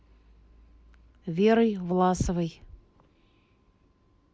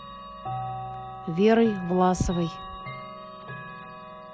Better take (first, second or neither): first